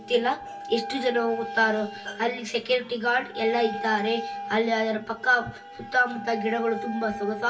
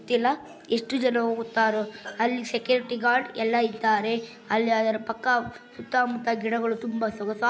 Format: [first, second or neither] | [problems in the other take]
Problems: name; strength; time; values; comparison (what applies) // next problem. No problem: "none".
second | background sound (Wind instrument, woodwind instrument); 11 dB below the speech // room echo; dies away in 0.1 s